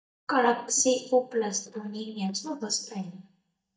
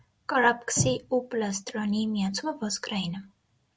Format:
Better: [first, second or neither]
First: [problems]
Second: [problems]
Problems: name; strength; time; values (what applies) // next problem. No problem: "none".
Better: second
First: noise reduction (neural mask model DeepFilterNet 3)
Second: none